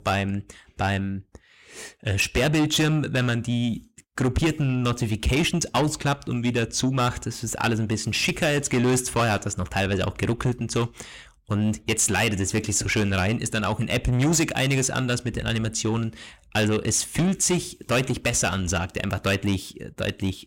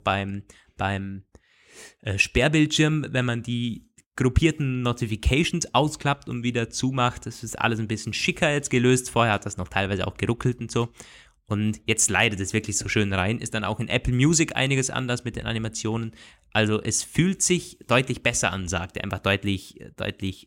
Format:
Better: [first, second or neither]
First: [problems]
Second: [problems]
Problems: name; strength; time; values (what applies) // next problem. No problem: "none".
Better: second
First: distortion; heavy; 7 dB below the speech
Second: none